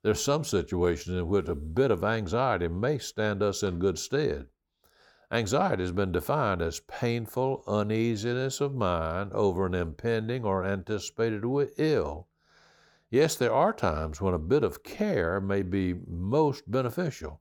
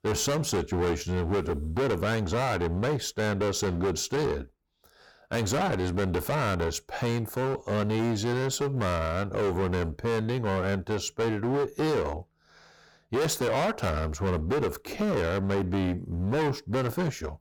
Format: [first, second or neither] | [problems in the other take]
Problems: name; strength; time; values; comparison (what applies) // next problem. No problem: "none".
first | distortion; heavy; 22% of the sound clipped